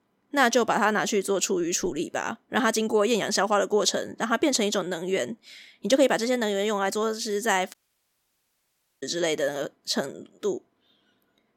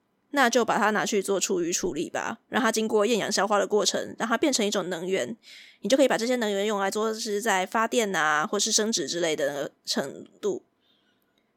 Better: second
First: audio cutting out; at 7.5 s for 1.5 s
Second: none

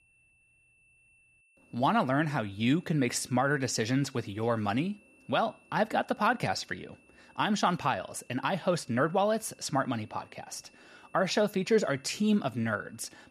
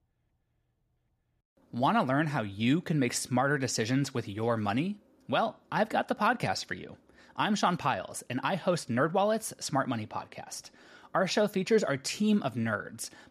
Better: second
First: high-pitched whine; faint; throughout; 2.5 kHz, 30 dB below the speech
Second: none

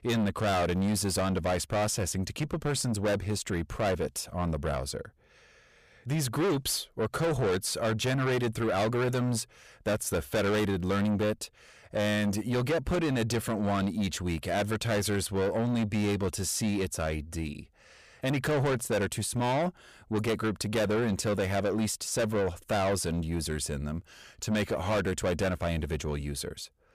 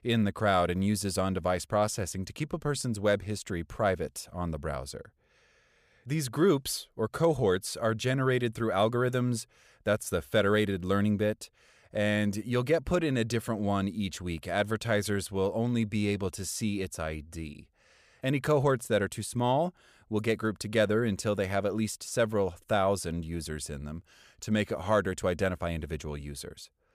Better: second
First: distortion; heavy; 7 dB below the speech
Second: none

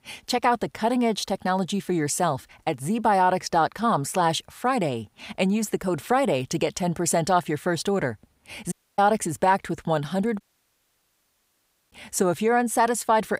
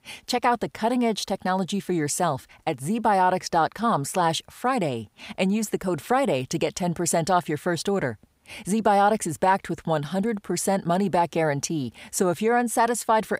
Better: second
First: audio cutting out; at 8.5 s and at 10 s for 1.5 s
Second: none

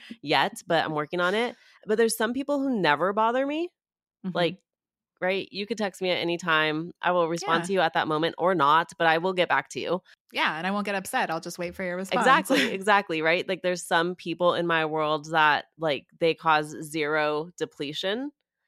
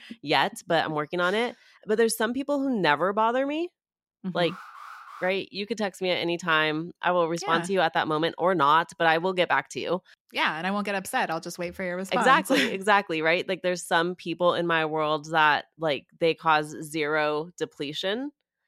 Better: first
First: none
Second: alarm; faint; at 4.5 s; peak 15 dB below the speech

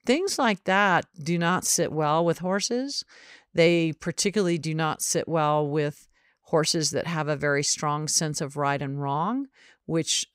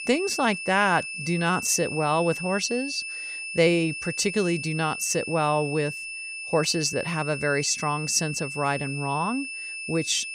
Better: first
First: none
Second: high-pitched whine; loud; throughout; 2.5 kHz, 7 dB below the speech

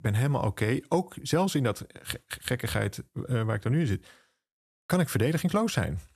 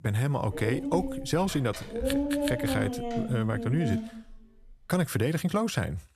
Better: first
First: none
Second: dog barking; loud; from 0.5 to 4.5 s; peak 2 dB above the speech

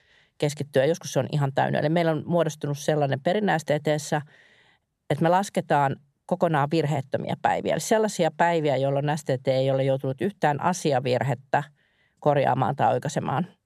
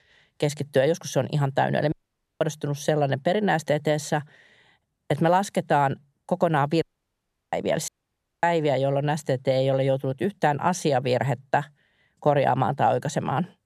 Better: first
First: none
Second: audio cutting out; at 2 s, at 7 s for 0.5 s and at 8 s for 0.5 s

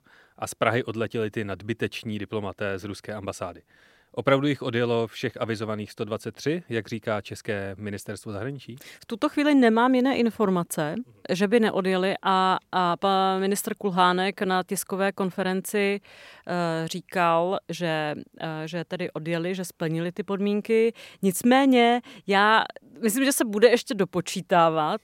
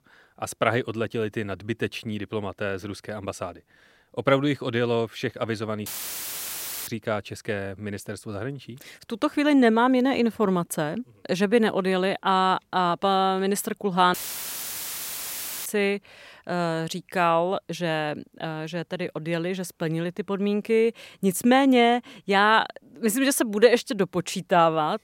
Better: first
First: none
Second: audio cutting out; filled with static; at 6 s for 1 s and at 14 s for 1.5 s

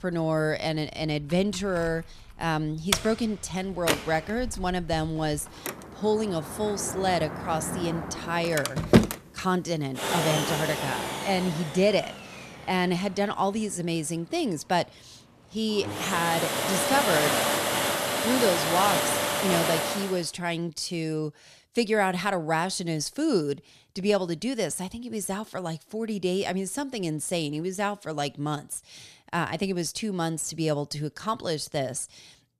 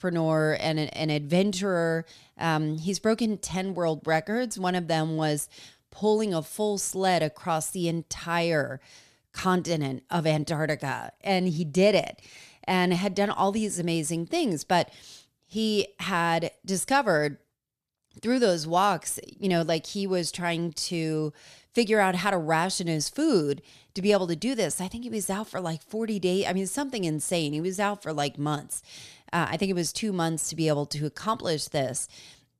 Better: second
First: household noises; very loud; until 20 s; 1 dB above the speech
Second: none

